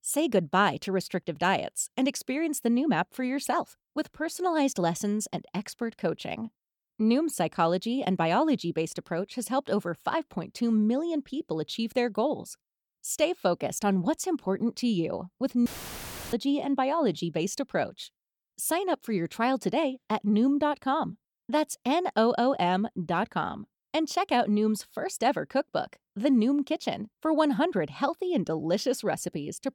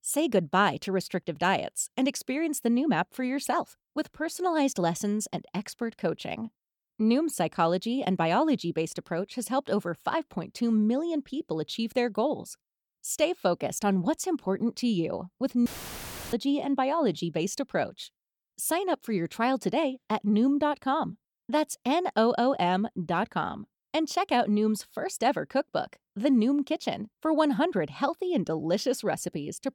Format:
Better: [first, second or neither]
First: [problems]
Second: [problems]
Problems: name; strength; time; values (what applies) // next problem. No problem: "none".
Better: neither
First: audio cutting out; filled with static; at 16 s for 0.5 s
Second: audio cutting out; filled with static; at 16 s for 0.5 s